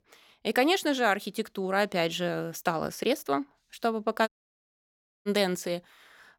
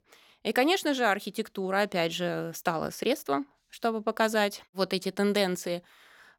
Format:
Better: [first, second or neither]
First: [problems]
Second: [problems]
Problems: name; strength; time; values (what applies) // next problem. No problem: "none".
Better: second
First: audio cutting out; at 4.5 s for 1 s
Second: none